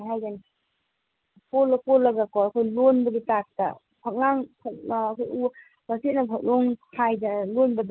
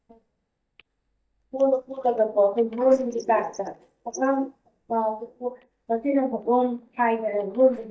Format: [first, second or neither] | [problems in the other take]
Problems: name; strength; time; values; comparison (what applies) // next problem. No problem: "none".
first | noise reduction (neural mask model DeepFilterNet 3)